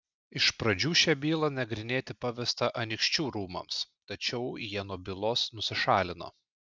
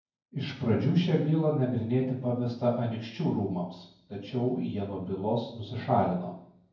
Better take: first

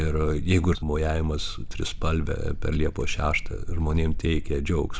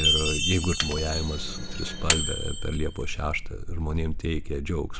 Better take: first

